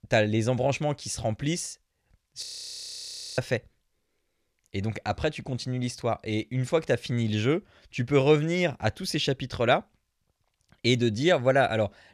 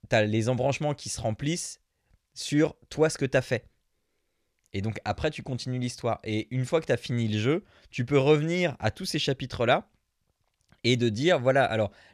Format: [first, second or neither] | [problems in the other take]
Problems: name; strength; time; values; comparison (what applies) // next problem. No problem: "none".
second | audio freezing; at 2.5 s for 1 s